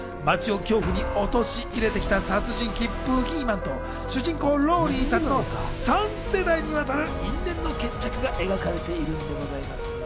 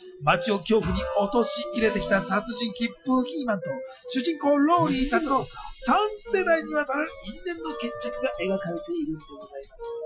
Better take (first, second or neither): first